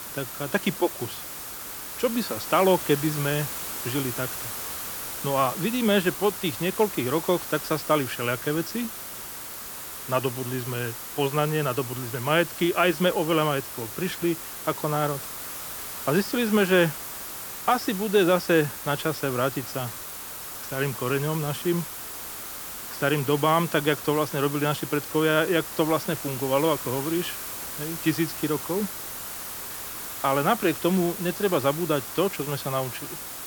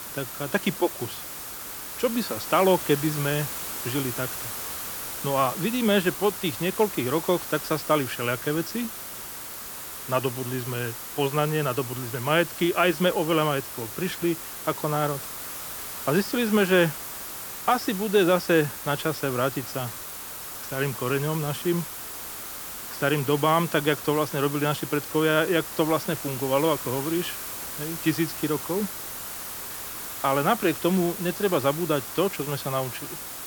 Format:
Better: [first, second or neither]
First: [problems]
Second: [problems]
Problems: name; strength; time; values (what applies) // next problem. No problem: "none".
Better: neither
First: hiss; loud; throughout; 7 dB below the speech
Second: hiss; loud; throughout; 7 dB below the speech